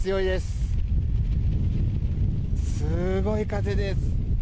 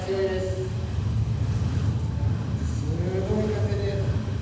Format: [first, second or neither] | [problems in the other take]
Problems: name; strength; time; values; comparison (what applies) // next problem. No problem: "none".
first | background sound (Train); 13 dB below the speech // room echo; dies away in 1.1 s